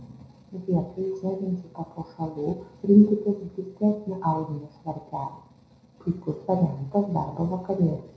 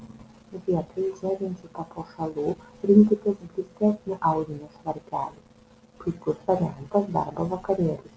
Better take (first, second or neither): second